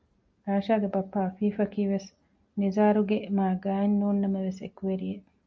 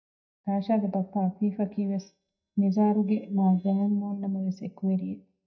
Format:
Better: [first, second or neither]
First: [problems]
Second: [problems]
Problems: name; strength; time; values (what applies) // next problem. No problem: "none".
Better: first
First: none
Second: noise reduction (neural mask model DeepFilterNet 3)